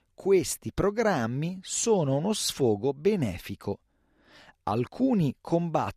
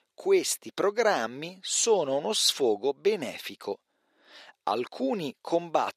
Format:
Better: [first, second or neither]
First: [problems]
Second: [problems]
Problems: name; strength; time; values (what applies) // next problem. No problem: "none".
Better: first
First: none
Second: thin; somewhat; fading below 450 Hz